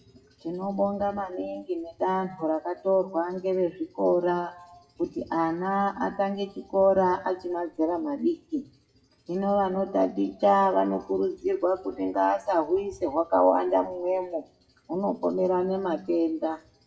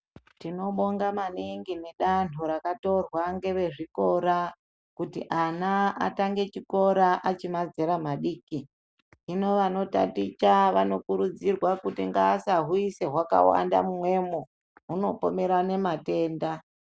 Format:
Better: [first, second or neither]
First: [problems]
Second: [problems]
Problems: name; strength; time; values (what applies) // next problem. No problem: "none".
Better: second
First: noise reduction (classical method WPE with log-MMSE)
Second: none